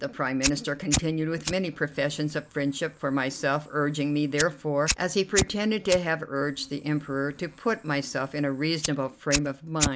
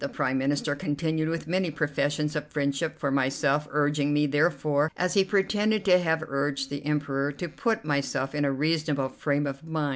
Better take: second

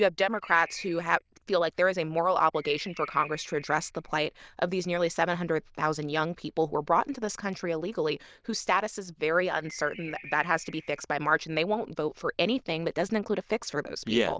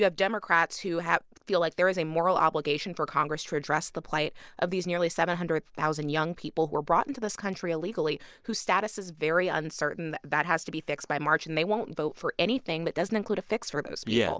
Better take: second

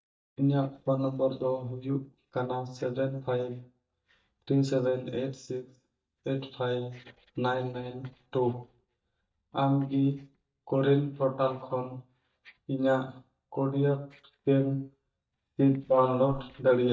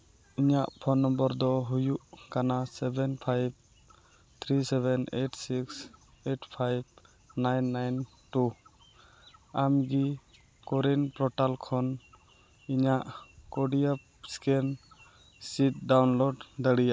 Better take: second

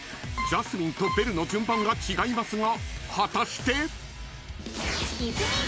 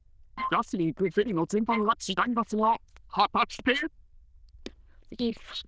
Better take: first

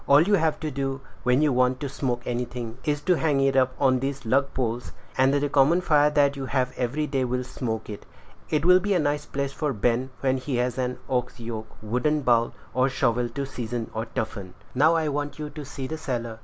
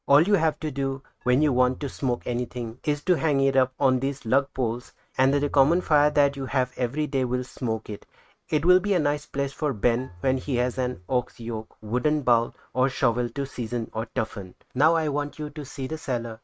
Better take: first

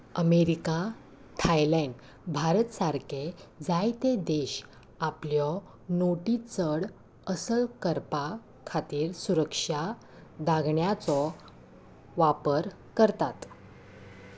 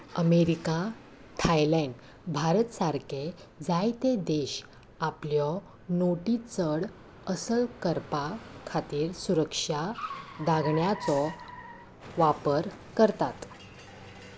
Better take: first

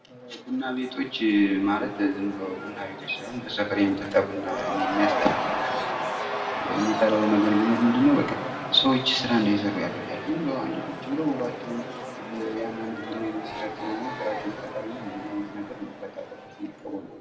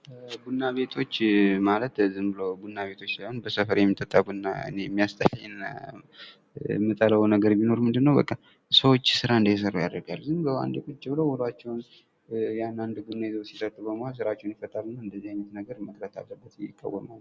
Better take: second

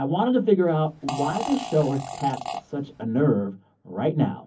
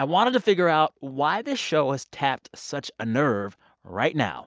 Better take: second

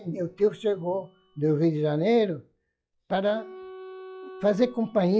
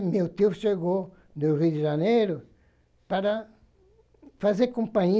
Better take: second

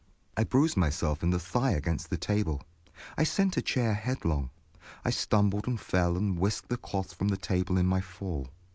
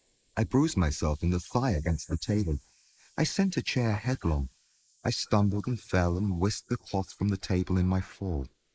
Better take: first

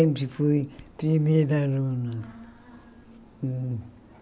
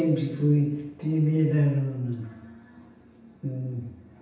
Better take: first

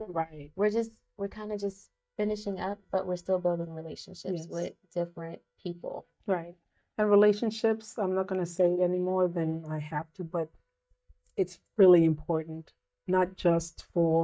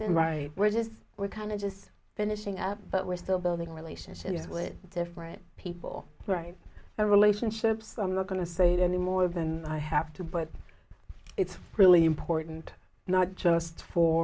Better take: second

